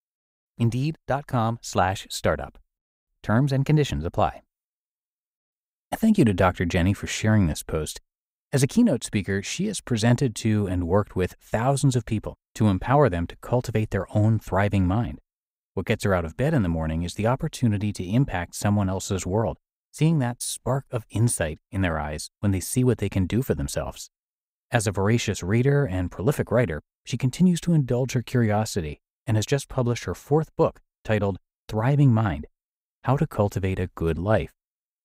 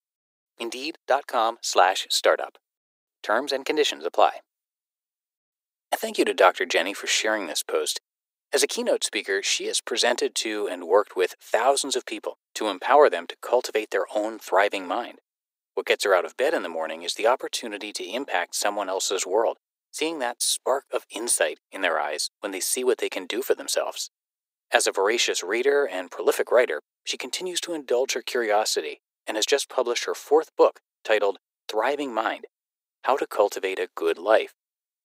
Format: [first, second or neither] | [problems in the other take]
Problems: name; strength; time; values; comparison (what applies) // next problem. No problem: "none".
first | thin; very; fading below 350 Hz